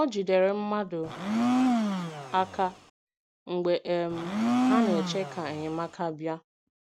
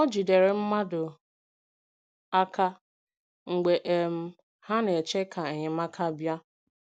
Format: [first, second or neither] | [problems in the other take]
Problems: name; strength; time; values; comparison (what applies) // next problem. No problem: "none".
second | background sound (Domestic sounds, home sounds); 2 dB above the speech